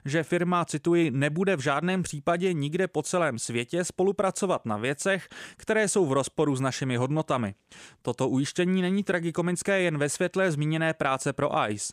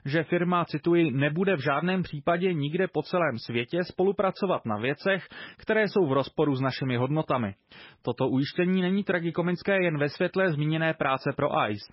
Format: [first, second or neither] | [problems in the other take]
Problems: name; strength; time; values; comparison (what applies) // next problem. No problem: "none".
first | garbled, watery; badly; nothing above 5.5 kHz